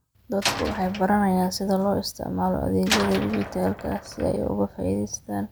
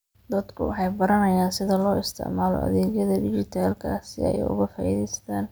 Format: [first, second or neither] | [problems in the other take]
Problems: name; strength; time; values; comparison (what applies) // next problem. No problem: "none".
second | background sound (Slam); 9 dB below the speech